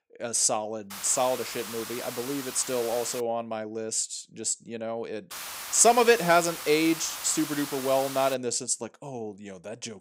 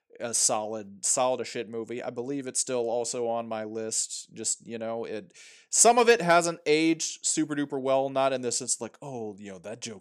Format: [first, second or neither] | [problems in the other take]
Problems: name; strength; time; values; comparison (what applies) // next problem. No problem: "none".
second | hiss; loud; from 1 to 3 s and from 5.5 to 8.5 s; 10 dB below the speech